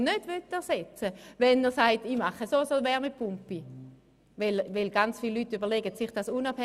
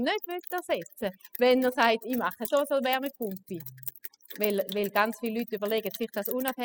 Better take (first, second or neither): first